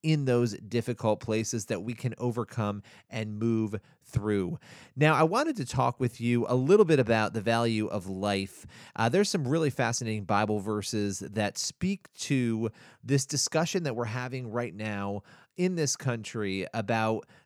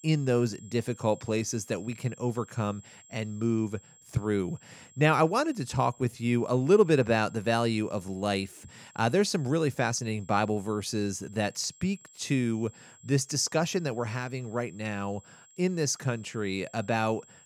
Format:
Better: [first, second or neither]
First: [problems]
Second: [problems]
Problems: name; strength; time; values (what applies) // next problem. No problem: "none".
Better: first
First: none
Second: high-pitched whine; faint; throughout; 7.5 kHz, 25 dB below the speech